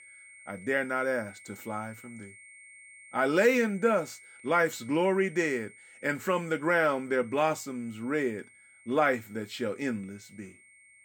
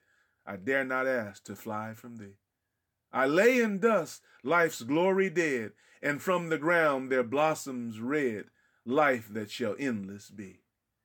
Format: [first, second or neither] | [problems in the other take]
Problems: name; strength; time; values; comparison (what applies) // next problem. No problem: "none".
second | high-pitched whine; faint; throughout; 2 kHz, 20 dB below the speech